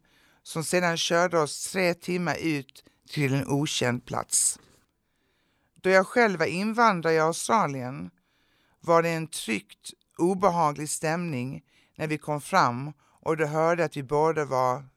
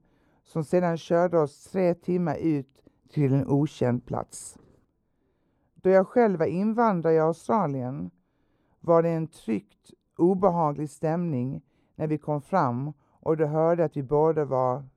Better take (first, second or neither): first